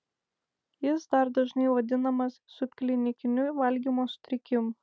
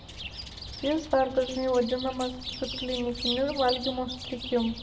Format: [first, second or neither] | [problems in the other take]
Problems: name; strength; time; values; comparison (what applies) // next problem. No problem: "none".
first | background sound (Chirp, tweet); 8 dB below the speech // room echo; dies away in 0.6 s